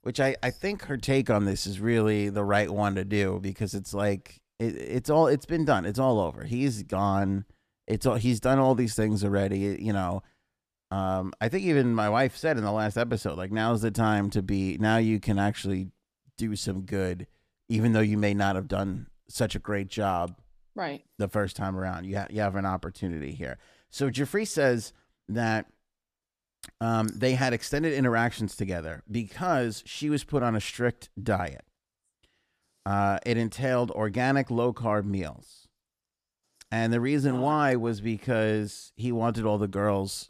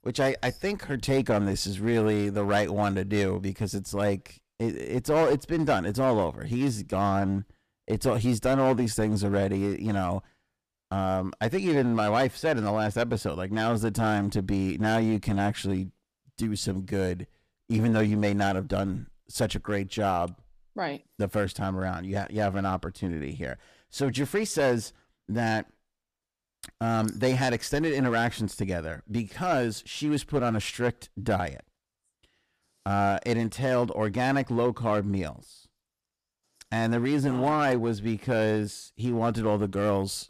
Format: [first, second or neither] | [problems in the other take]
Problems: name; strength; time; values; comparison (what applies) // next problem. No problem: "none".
first | distortion; slight; 5% of the sound clipped